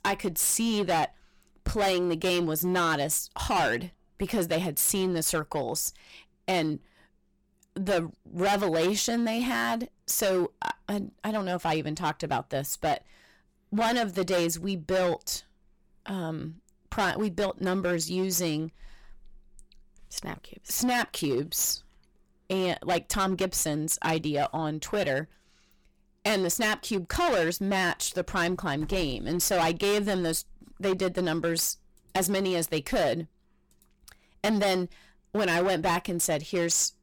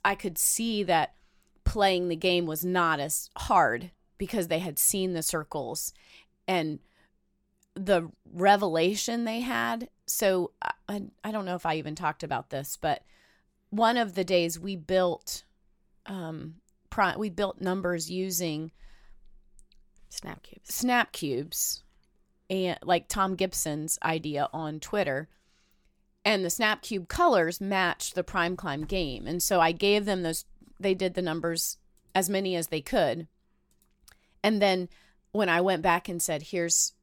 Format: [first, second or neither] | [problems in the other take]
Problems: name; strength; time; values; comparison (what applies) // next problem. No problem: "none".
second | distortion; heavy; 12% of the sound clipped